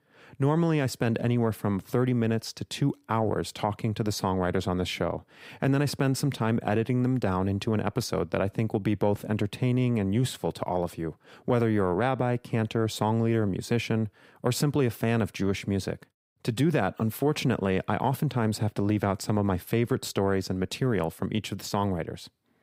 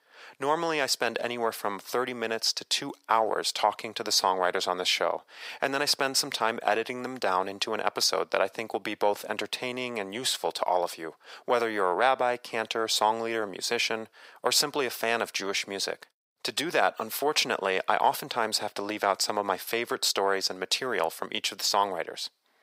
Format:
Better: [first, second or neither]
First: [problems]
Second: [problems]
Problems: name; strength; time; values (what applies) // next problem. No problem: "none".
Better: first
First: none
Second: thin; very; fading below 700 Hz